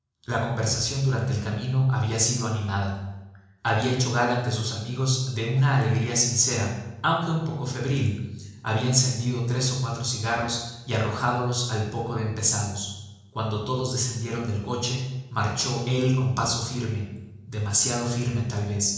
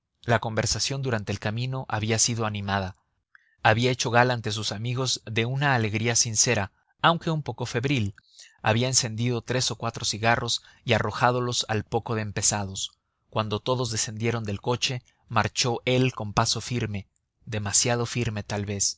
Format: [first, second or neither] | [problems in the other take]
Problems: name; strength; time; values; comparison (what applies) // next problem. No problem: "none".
second | room echo; dies away in 1 s